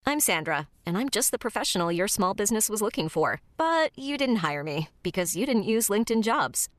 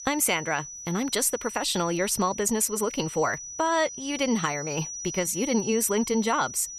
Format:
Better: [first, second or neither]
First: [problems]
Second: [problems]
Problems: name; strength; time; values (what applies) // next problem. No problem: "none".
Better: first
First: none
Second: high-pitched whine; loud; throughout; 6 kHz, 9 dB below the speech